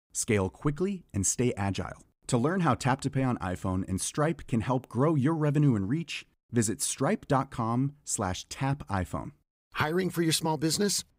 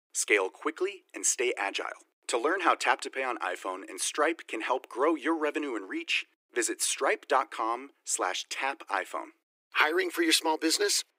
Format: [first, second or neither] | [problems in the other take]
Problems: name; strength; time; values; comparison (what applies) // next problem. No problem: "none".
first | thin; very; fading below 300 Hz